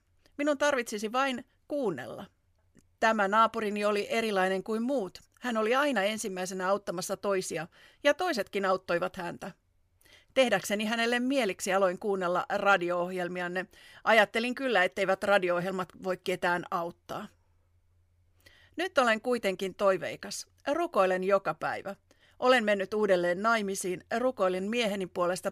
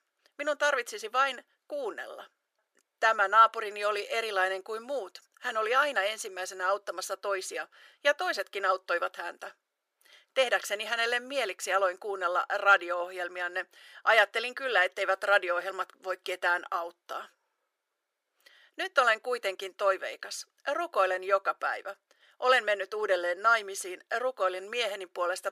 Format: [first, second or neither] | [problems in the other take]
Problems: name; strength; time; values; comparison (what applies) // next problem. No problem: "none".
first | thin; very; fading below 400 Hz